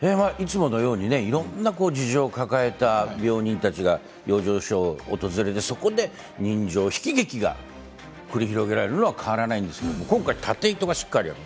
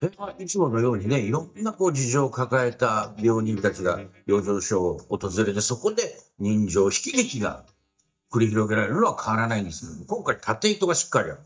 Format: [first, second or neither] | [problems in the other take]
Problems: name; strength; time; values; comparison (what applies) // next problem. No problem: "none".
first | noise reduction (neural mask model DeepFilterNet 3)